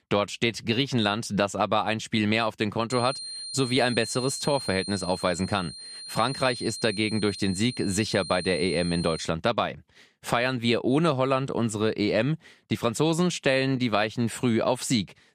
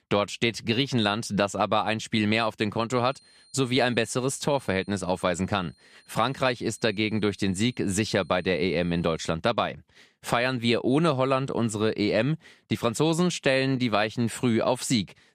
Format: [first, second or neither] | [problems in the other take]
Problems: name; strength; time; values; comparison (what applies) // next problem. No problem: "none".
second | high-pitched whine; loud; from 3 to 9 s; 4 kHz, 9 dB below the speech; faint in the second